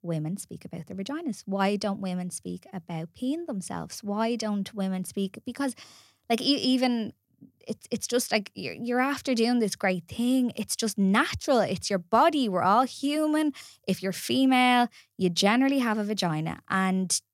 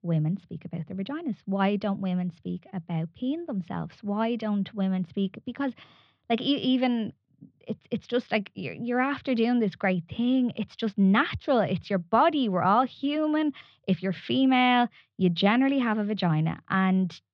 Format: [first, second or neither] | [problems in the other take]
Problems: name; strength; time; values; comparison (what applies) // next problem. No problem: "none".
first | muffled; very; fading above 3.5 kHz